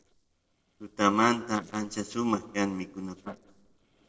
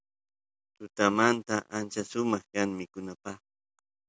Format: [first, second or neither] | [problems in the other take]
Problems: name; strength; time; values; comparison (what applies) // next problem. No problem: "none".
second | noise reduction (neural separator model SepFormer DNS4)